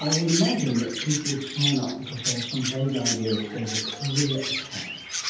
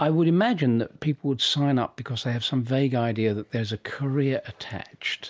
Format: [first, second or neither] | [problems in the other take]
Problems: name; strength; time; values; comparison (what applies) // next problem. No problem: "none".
second | background sound (Chirp, tweet); 4 dB below the speech // room echo; dies away in 0.8 s